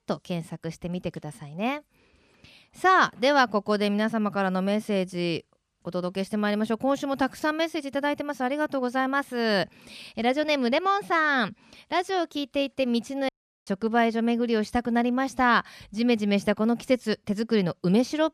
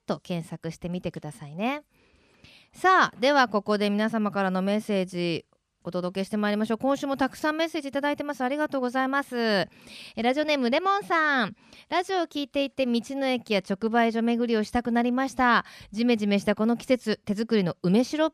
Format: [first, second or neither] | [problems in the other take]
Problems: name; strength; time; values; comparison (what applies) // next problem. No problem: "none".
second | audio cutting out; at 13 s